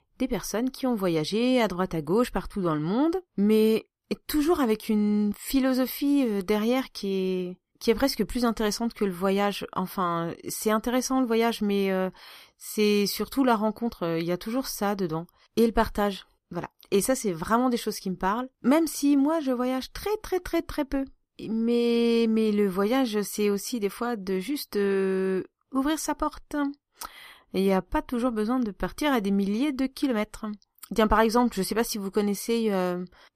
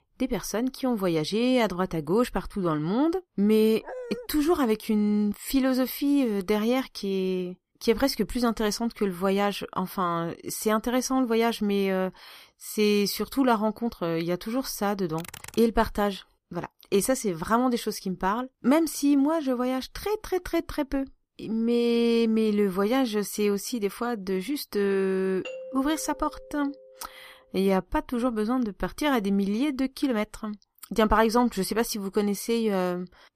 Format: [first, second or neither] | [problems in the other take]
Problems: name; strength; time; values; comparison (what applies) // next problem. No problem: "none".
first | dog barking; faint; at 4 s; peak 10 dB below the speech // keyboard typing; faint; at 15 s; peak 15 dB below the speech // doorbell; faint; from 25 to 27 s; peak 10 dB below the speech